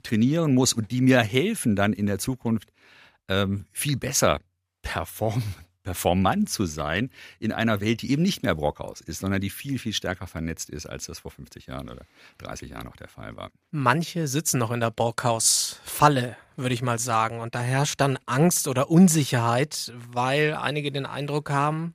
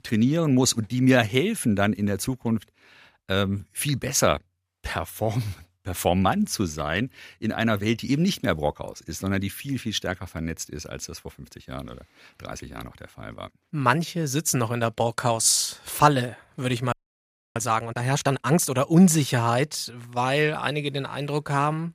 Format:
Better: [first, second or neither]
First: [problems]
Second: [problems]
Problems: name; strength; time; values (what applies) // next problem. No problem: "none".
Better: first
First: none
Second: audio freezing; at 17 s for 0.5 s